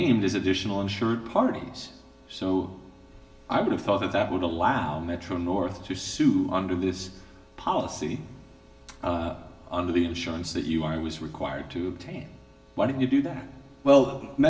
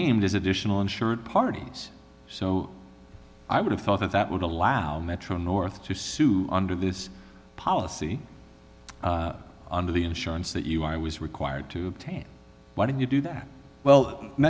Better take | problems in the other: second | room echo; dies away in 0.8 s

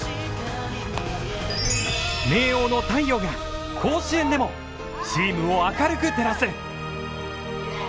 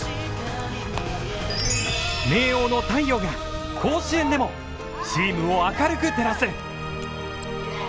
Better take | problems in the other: first | background sound (Mechanisms); 18 dB below the speech

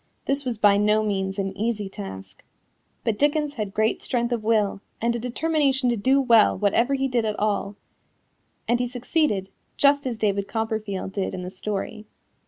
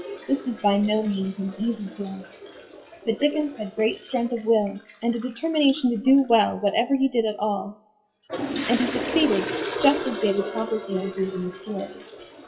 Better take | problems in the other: first | noise reduction (classical method WPE with log-MMSE)

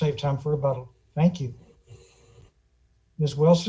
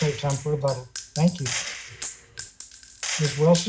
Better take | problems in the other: first | background sound (Gunshot, gunfire); 8 dB below the speech

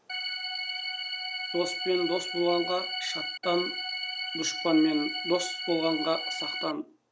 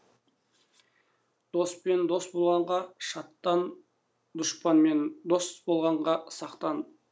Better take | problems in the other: second | background sound (Organ); 4 dB below the speech

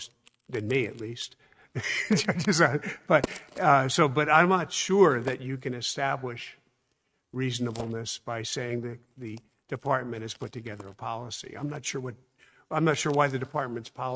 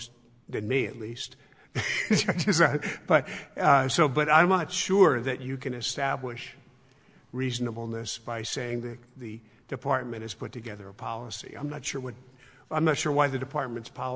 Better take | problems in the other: second | noise reduction (neural mask model RNNoise)

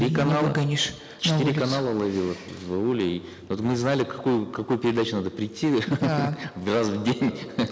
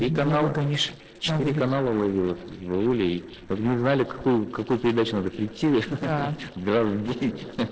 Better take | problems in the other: first | noise reduction (neural separator model SepFormer DNS4)

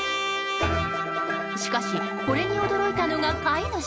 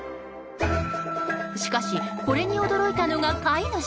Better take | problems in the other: second | background sound (Trumpet); 4 dB below the speech

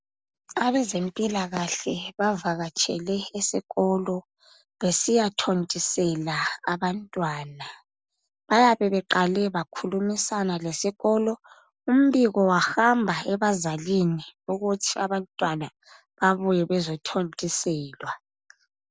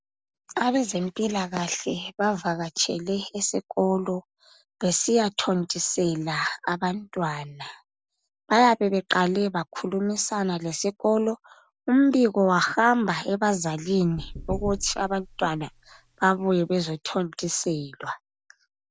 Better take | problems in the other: first | background sound (Knock / Wood); 14 dB below the speech

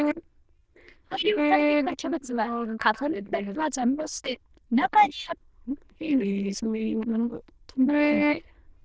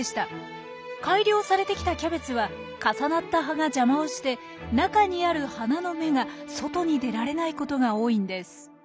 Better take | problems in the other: second | noise reduction (neural diffusion model UNIVERSE++)

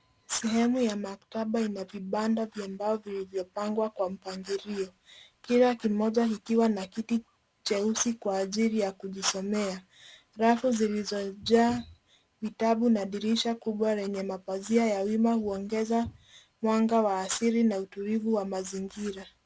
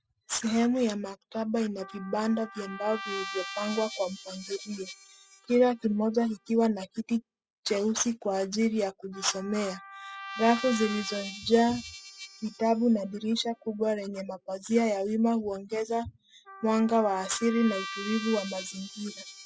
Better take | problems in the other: first | noise reduction (classical method spectral subtraction)

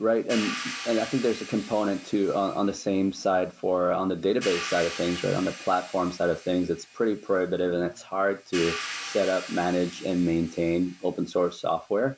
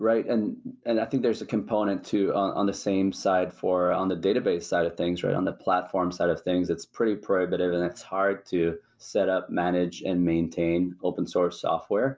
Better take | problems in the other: second | background sound (Hi-hat); 13 dB below the speech

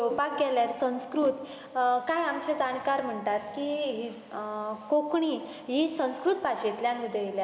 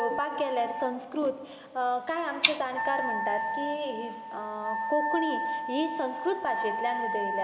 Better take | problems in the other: first | background sound (Wind instrument, woodwind instrument + Tick); 1 dB below the speech

